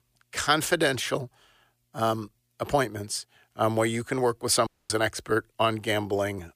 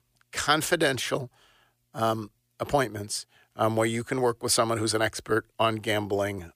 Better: second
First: audio cutting out; at 4.5 s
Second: none

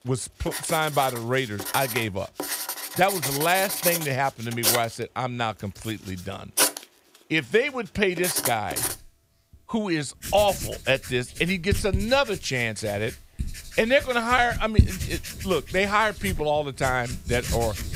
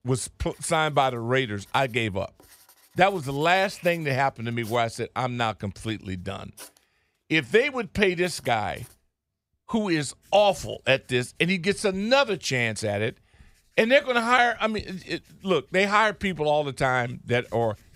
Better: second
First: household noises; loud; throughout; 3 dB below the speech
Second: household noises; faint; throughout; 30 dB below the speech

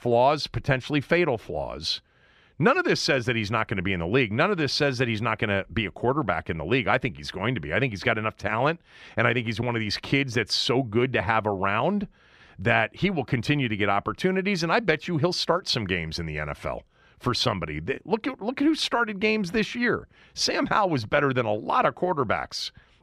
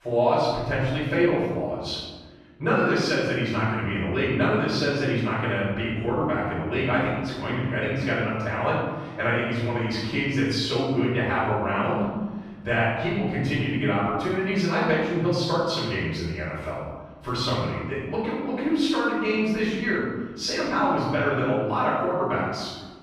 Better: first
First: none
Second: room echo; strong; dies away in 1.3 s // off-mic speech; far

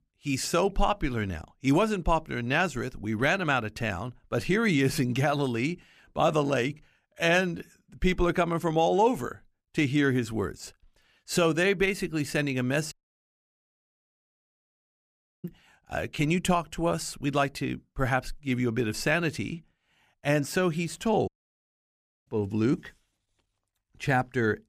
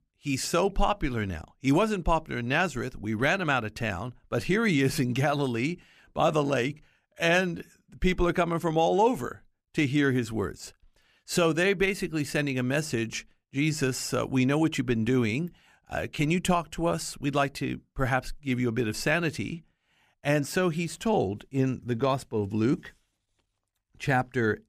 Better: second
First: audio cutting out; at 13 s for 2.5 s and at 21 s for 1 s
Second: none

